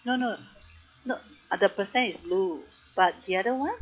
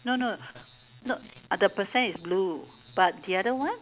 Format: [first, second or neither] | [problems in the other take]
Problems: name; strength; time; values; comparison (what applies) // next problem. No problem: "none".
second | noise reduction (classical method log-MMSE)